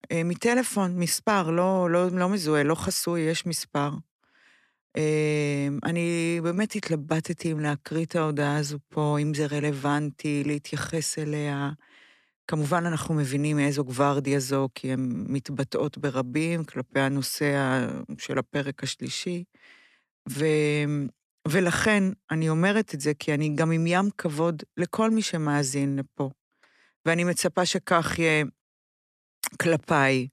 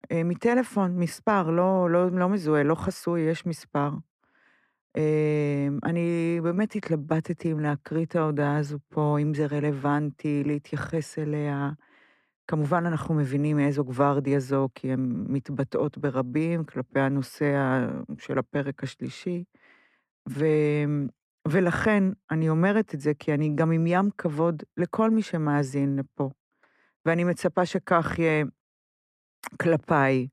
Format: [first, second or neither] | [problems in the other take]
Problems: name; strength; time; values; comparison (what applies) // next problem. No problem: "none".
first | muffled; slightly; fading above 2.5 kHz